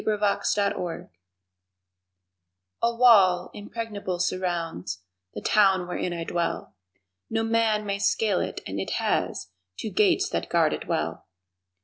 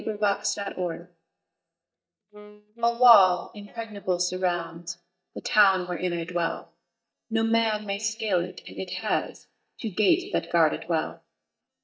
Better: first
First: none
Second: noise reduction (neural mask model DeepFilterNet 3)

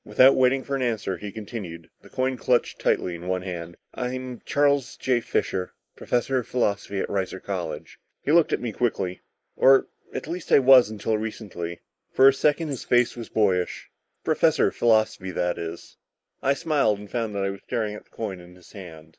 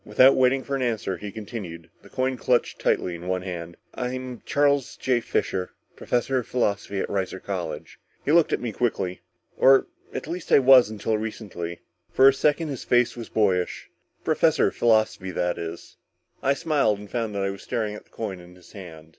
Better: second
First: noise reduction (neural mask model Resemble Enhance denoiser)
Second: none

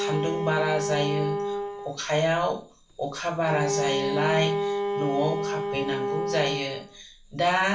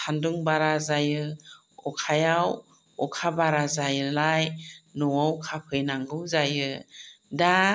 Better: second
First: background sound (Bowed string instrument); 2 dB below the speech // room echo; dies away in 0.3 s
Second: none

